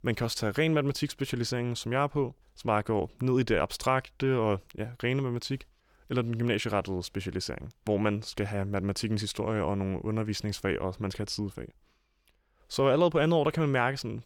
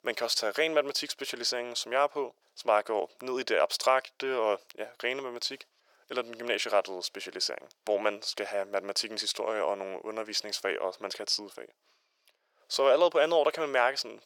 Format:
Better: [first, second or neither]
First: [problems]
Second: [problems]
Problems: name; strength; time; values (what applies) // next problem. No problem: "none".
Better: first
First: none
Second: thin; very; fading below 450 Hz